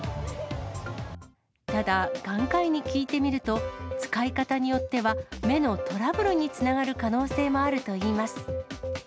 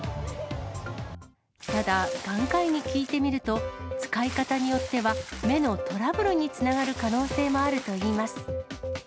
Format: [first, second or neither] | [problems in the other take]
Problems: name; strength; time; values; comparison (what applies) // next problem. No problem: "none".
first | background sound (Water / Splash, splatter); 15 dB below the speech